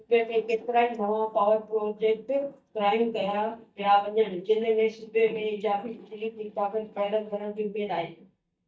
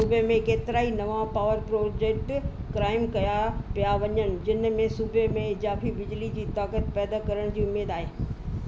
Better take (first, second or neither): second